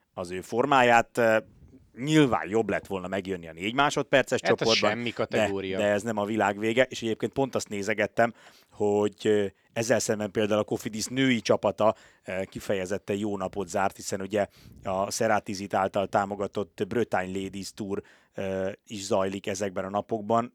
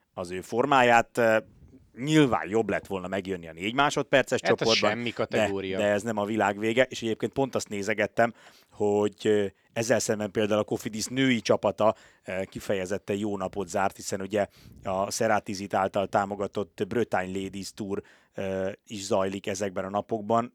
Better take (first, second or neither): neither